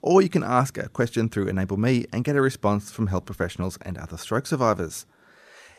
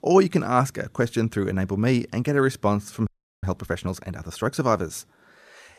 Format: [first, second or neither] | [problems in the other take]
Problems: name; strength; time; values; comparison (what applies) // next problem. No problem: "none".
first | audio freezing; at 3 s